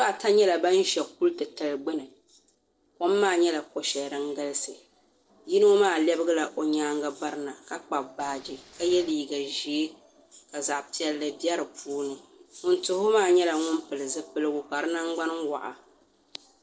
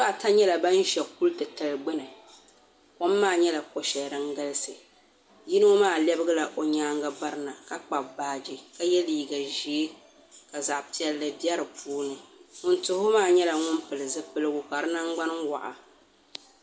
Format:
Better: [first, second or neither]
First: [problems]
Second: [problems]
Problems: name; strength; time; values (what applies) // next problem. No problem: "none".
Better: second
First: noise reduction (neural separator model SepFormer DNS4)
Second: none